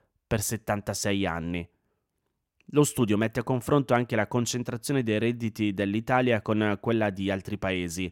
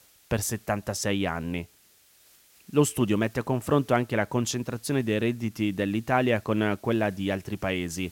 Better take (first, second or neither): first